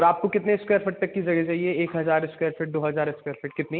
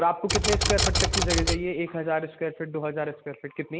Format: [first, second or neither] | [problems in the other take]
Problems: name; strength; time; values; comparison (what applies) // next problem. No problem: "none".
first | background sound (Typewriter); 3 dB above the speech